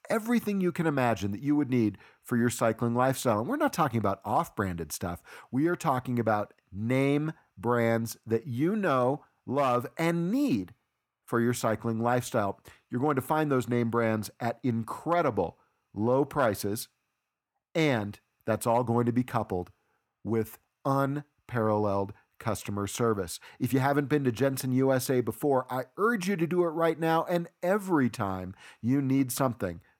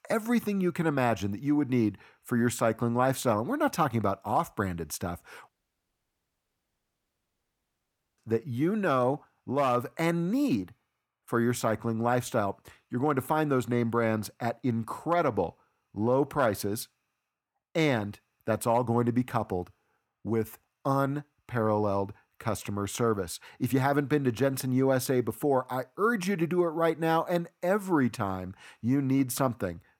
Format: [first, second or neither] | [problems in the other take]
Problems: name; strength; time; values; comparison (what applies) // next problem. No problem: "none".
first | audio cutting out; at 5.5 s for 2.5 s